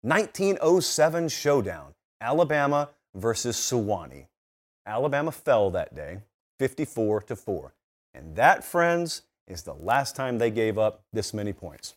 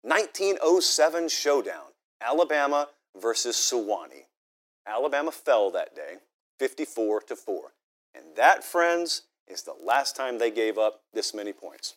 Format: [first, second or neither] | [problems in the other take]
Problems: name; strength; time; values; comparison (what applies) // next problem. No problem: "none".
first | thin; somewhat; fading below 300 Hz